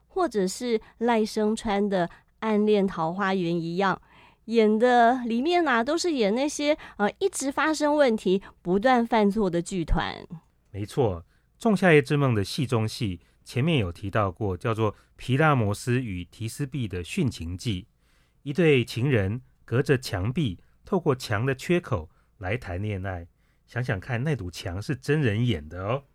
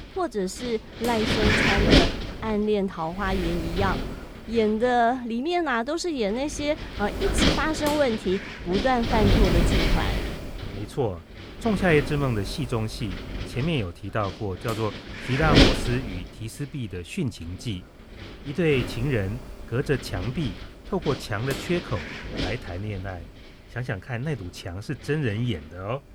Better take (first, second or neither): first